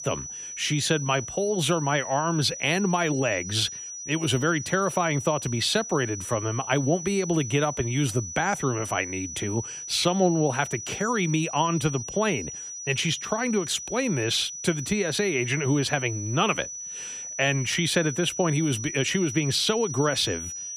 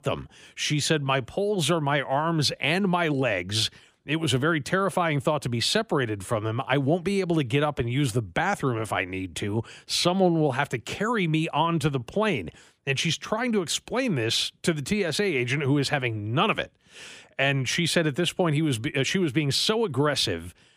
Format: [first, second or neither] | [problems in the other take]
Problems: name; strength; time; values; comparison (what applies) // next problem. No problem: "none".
second | high-pitched whine; loud; throughout; 6 kHz, 8 dB below the speech